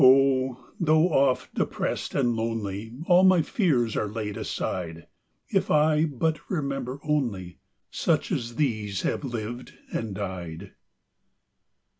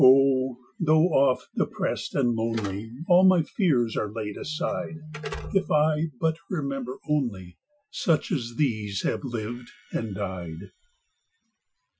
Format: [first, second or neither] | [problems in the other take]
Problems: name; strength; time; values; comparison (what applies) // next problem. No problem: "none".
first | noise reduction (classical method Wiener filter)